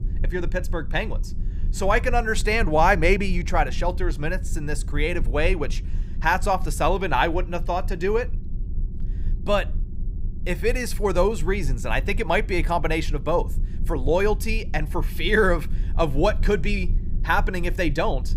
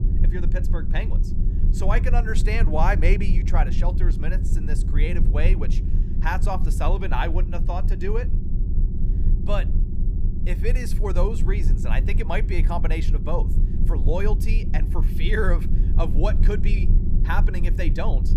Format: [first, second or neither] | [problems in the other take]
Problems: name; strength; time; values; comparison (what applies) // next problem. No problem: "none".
first | low rumble; loud; throughout; 9 dB below the speech; faint in the first